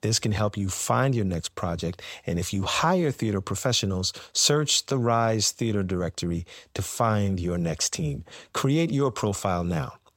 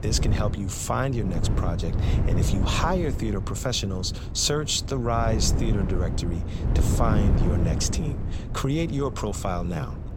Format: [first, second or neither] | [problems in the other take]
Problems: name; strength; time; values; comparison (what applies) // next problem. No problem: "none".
first | wind noise on the microphone; heavy; 9 dB below the speech